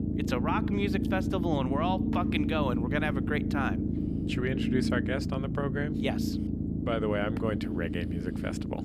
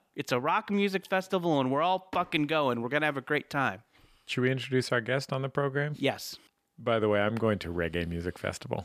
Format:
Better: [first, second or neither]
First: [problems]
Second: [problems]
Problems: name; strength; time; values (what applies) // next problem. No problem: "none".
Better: second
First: low rumble; loud; throughout; 4 dB below the speech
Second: none